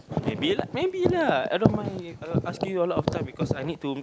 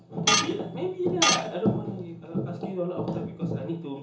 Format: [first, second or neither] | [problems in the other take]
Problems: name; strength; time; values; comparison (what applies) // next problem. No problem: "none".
first | background sound (Tools); 3 dB above the speech // room echo; dies away in 0.7 s